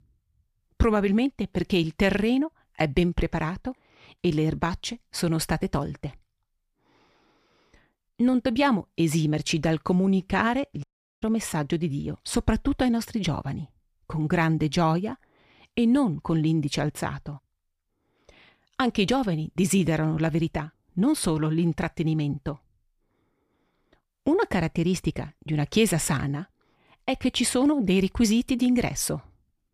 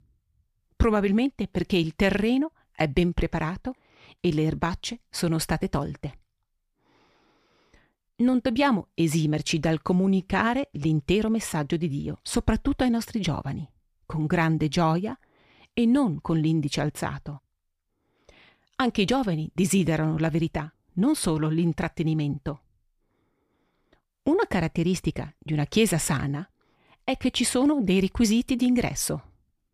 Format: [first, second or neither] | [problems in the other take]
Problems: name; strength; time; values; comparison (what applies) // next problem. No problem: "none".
second | audio cutting out; at 11 s